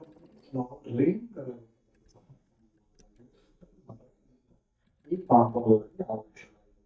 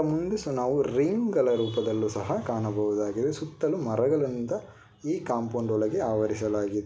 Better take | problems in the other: second | noise reduction (neural mask model DeepFilterNet 3)

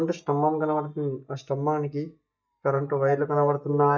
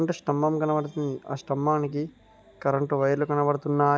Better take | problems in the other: second | noise reduction (neural mask model DeepFilterNet 3)

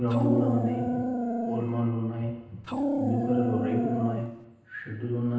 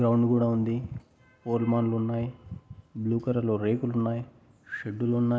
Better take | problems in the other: second | background sound (Dog); as loud as the speech // room echo; dies away in 0.9 s

